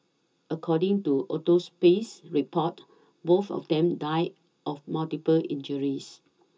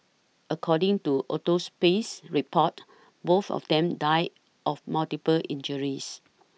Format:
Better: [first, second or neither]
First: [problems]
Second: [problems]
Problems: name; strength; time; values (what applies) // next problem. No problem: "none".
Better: second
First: room echo; dies away in 0.2 s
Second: none